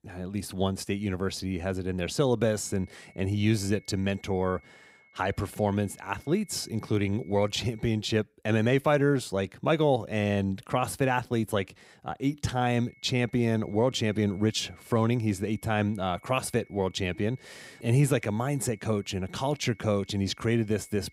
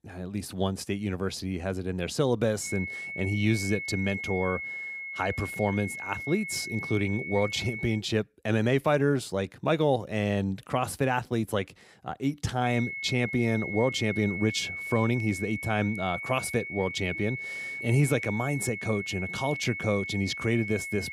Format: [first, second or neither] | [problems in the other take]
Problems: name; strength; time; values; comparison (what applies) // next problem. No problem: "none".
first | high-pitched whine; loud; from 2.5 to 8 s and from 13 s on; 2 kHz, 6 dB below the speech; faint in the first